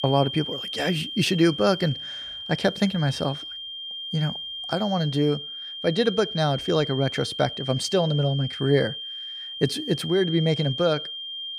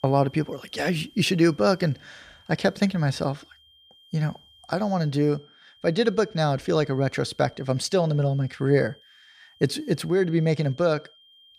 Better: second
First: high-pitched whine; loud; throughout; 3 kHz, 7 dB below the speech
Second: high-pitched whine; faint; throughout; 3 kHz, 30 dB below the speech

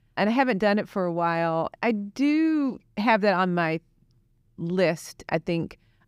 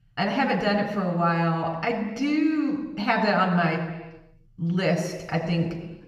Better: first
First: none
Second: room echo; slight; dies away in 1.1 s // off-mic speech; somewhat distant

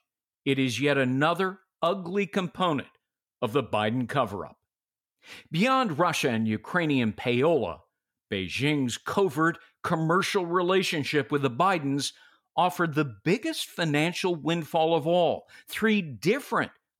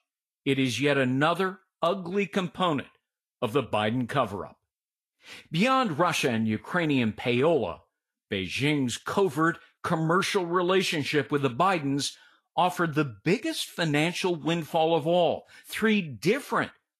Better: first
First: none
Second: garbled, watery; slightly; nothing above 13 kHz

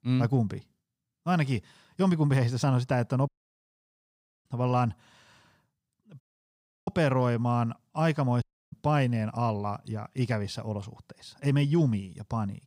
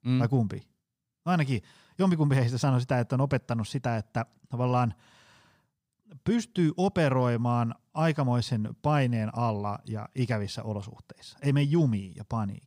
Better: second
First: audio cutting out; at 3.5 s for 1 s, at 6 s for 0.5 s and at 8.5 s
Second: none

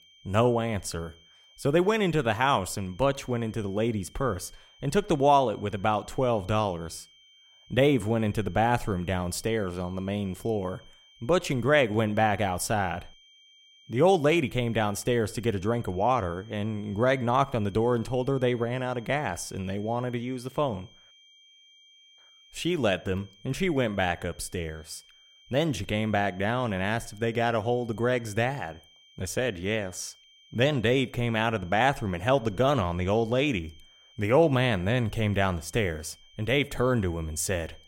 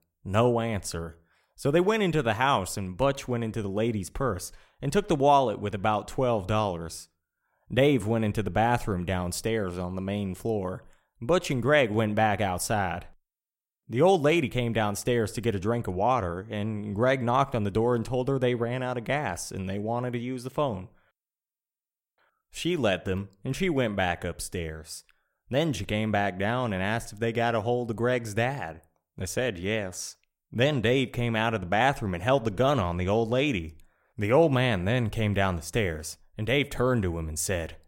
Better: second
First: high-pitched whine; faint; throughout; 3 kHz, 30 dB below the speech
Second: none

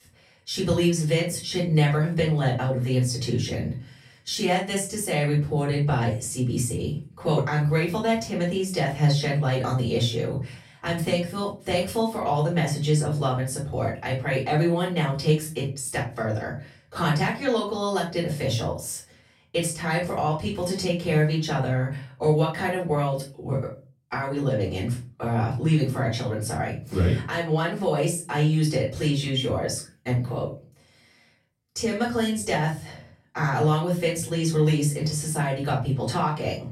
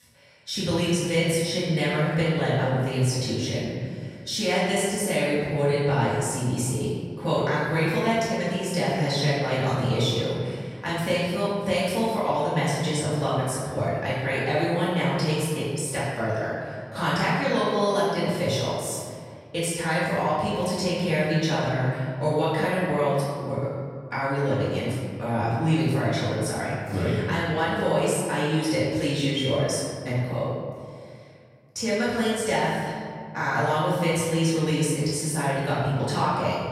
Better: first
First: room echo; slight; dies away in 0.3 s // off-mic speech; far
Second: room echo; strong; dies away in 1.9 s // off-mic speech; far

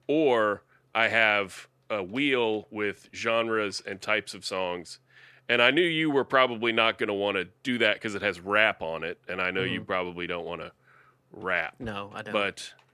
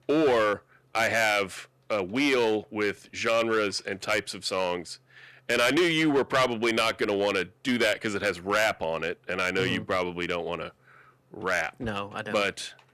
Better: first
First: none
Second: distortion; heavy; 5% of the sound clipped

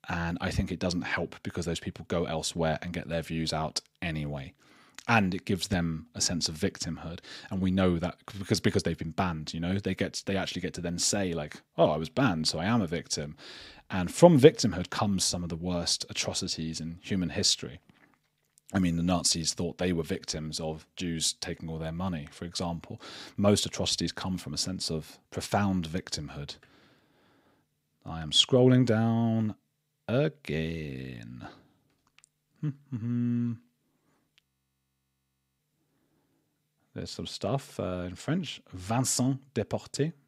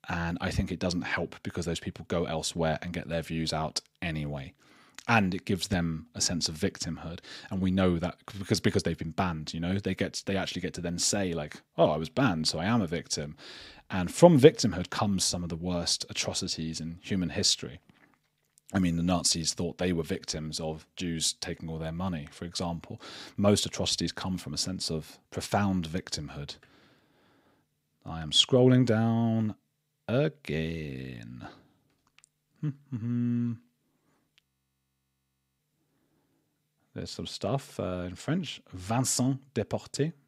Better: neither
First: audio freezing; at 34 s for 1 s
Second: audio freezing; at 34 s for 1 s

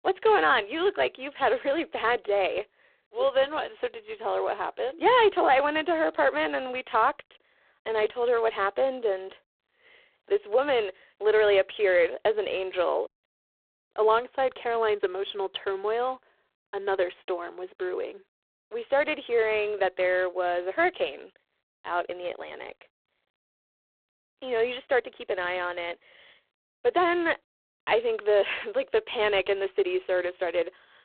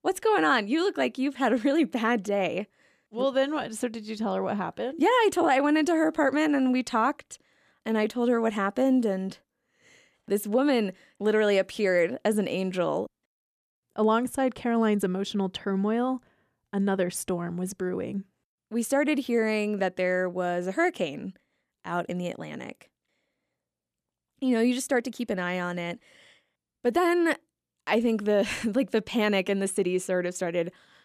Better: second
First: phone-call audio; poor line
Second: none

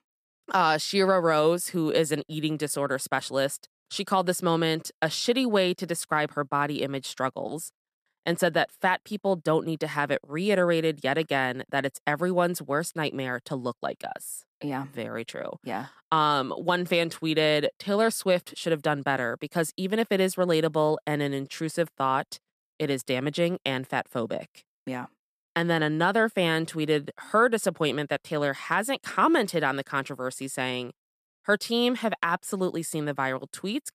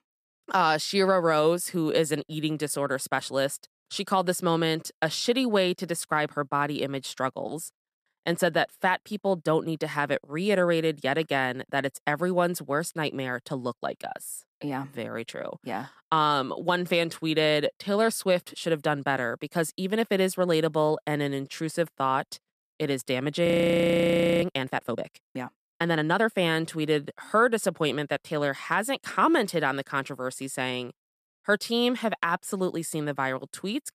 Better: first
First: none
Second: audio freezing; at 23 s for 1 s

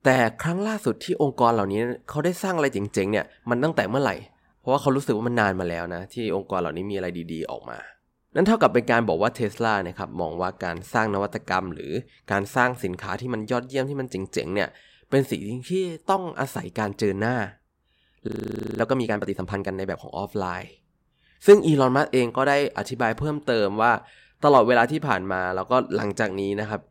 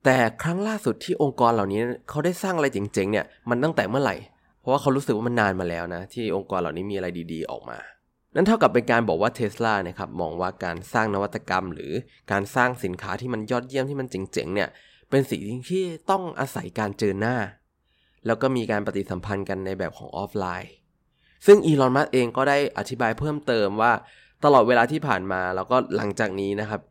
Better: second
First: audio freezing; at 18 s for 0.5 s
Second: none

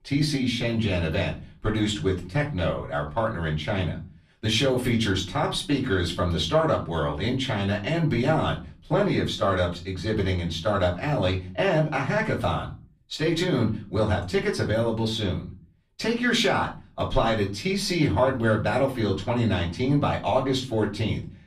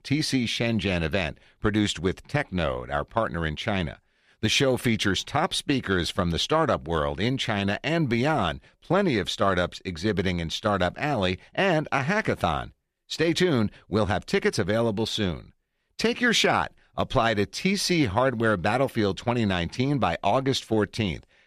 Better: second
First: off-mic speech; far // room echo; very slight; dies away in 0.3 s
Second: none

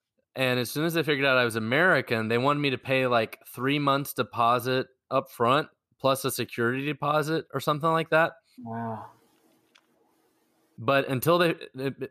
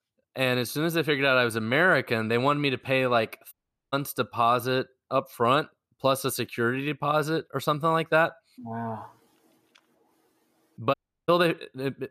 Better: first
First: none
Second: audio cutting out; at 3.5 s and at 11 s

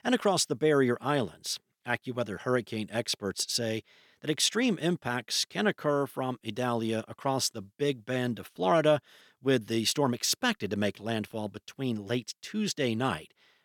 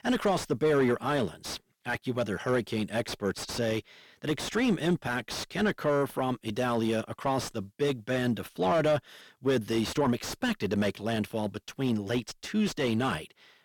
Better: first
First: none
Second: distortion; heavy; 7 dB below the speech

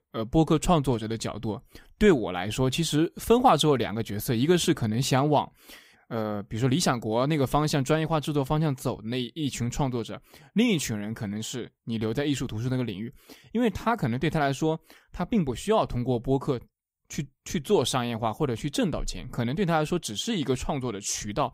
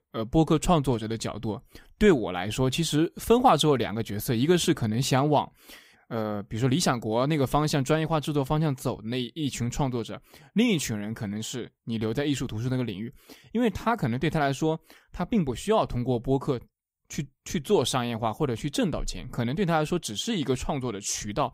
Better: neither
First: none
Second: none

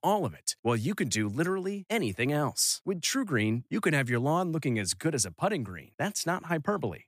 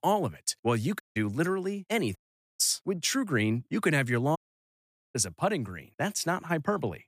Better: first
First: none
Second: audio cutting out; at 1 s, at 2 s and at 4.5 s for 1 s

